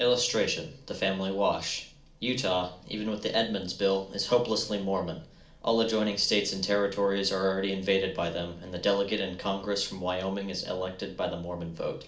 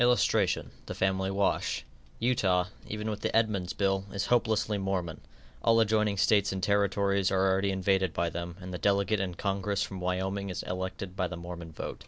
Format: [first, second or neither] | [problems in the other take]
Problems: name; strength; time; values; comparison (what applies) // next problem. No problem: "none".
second | room echo; dies away in 0.4 s